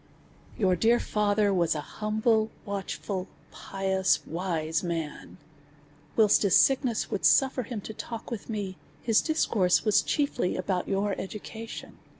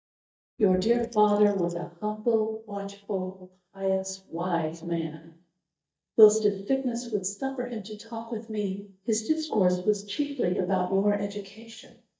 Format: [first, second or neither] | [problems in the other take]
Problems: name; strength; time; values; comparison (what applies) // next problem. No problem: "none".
first | noise reduction (neural mask model DeepFilterNet 3)